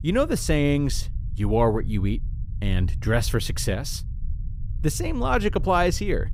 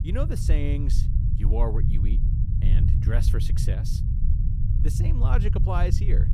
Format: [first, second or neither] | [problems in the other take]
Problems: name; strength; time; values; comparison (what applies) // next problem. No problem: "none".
first | low rumble; loud; throughout; 4 dB below the speech; faint in the first